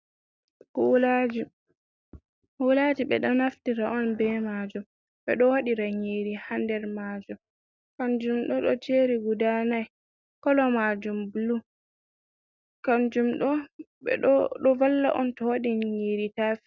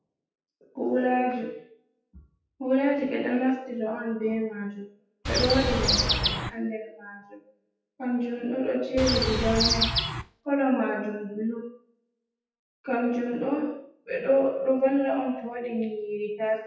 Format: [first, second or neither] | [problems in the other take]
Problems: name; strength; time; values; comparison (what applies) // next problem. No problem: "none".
first | noise reduction (classical method WPE with log-MMSE)